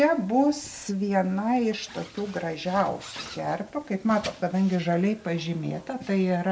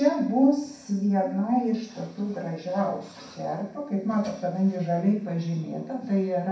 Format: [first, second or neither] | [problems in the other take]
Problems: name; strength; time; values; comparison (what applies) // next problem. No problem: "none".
first | room echo; dies away in 0.6 s